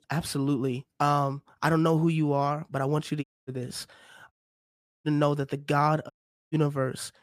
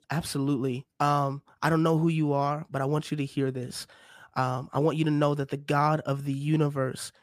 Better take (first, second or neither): second